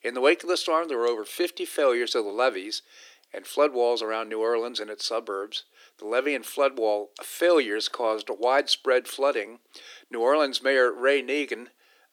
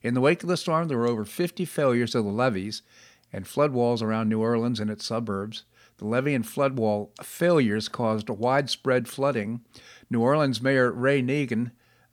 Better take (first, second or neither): second